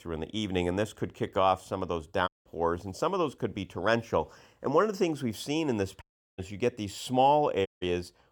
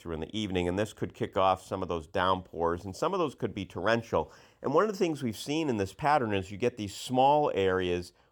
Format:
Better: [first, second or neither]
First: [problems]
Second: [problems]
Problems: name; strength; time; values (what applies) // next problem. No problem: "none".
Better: second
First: audio cutting out; at 2.5 s, at 6 s and at 7.5 s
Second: none